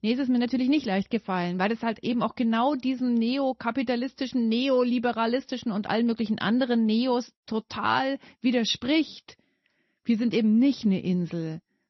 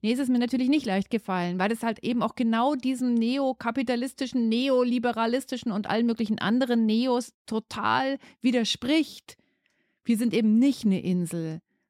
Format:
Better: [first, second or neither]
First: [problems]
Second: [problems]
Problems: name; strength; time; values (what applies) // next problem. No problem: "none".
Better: second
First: garbled, watery; slightly; nothing above 6 kHz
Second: none